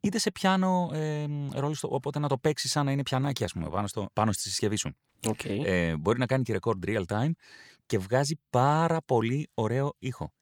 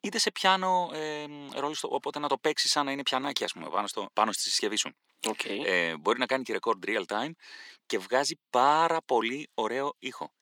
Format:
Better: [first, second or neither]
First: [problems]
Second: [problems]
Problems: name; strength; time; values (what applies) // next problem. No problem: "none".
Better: first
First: none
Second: thin; somewhat; fading below 250 Hz